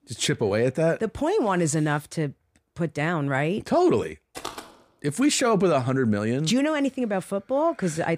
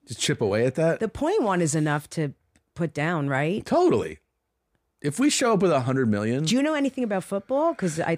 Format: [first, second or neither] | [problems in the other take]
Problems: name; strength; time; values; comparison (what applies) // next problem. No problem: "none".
second | footsteps; faint; at 4.5 s; peak 10 dB below the speech